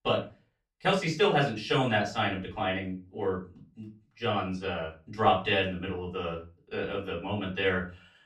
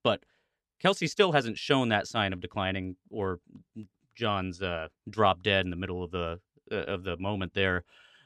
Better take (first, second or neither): second